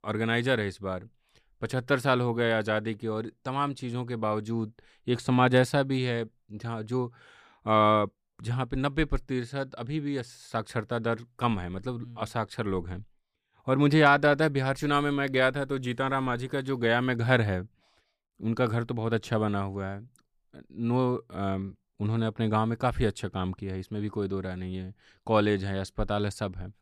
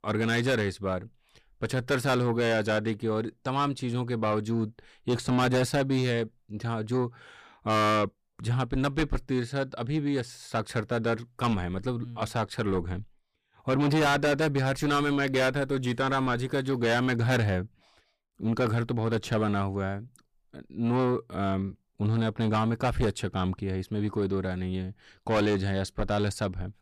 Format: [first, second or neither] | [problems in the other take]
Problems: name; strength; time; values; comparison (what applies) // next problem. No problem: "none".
first | distortion; heavy; 8 dB below the speech